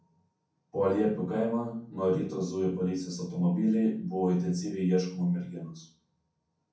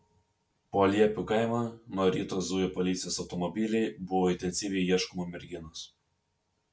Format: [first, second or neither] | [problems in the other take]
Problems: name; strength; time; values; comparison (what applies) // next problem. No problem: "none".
second | room echo; dies away in 0.6 s